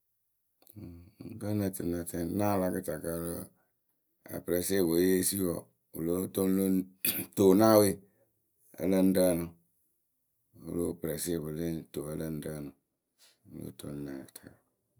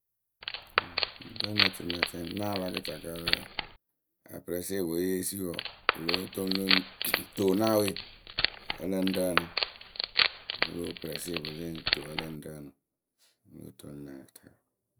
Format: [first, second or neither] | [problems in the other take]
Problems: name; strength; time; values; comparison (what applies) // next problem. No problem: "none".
first | background sound (Wood); 2 dB above the speech